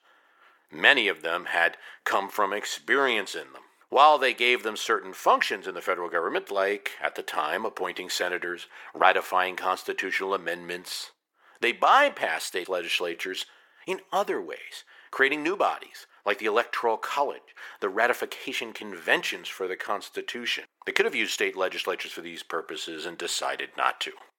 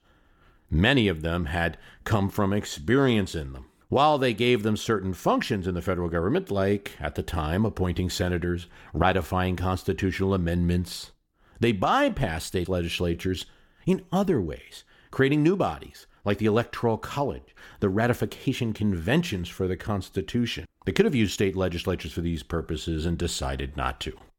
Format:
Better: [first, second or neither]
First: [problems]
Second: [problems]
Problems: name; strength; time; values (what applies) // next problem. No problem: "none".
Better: second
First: thin; very; fading below 450 Hz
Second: none